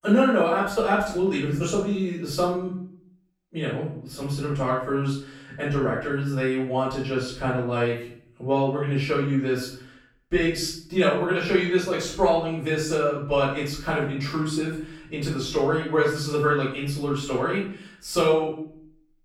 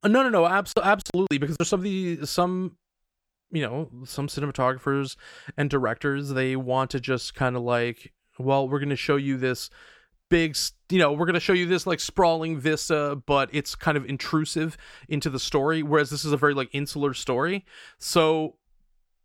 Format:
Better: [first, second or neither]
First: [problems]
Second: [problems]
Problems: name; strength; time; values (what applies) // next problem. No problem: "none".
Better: second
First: off-mic speech; far // room echo; noticeable; dies away in 0.5 s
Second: none